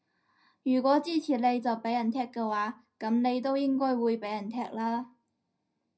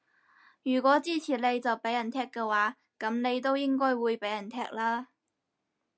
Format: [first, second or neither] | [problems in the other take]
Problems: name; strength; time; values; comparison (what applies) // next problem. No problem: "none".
second | room echo; dies away in 0.4 s